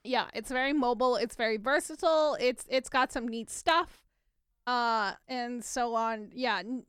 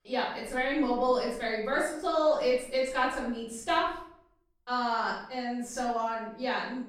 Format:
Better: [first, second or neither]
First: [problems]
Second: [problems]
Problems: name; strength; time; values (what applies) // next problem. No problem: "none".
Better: first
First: none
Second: off-mic speech; far // room echo; noticeable; dies away in 0.6 s